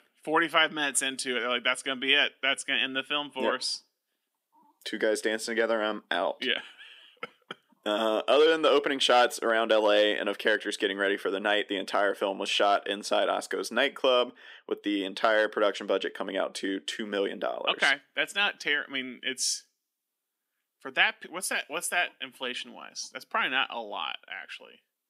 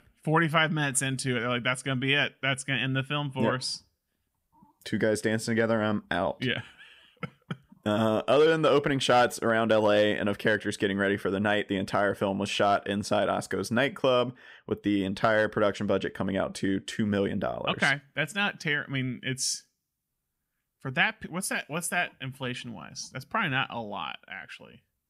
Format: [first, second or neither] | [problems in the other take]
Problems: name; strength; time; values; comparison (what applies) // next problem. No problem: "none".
second | thin; somewhat; fading below 300 Hz